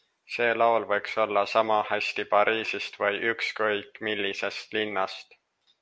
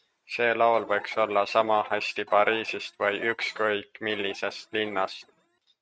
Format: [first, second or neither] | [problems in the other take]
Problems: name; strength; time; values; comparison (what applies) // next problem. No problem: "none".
first | noise reduction (neural mask model RNNoise)